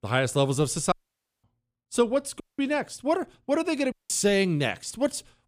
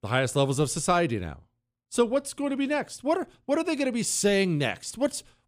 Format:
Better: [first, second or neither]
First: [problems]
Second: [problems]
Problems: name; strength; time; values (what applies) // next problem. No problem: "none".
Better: second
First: audio cutting out; at 1 s for 0.5 s, at 2.5 s and at 4 s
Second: none